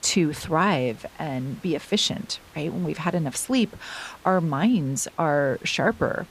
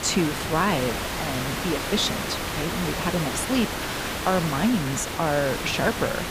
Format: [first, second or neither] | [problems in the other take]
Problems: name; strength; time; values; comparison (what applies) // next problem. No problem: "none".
first | hiss; loud; throughout; 2 dB below the speech; faint in the first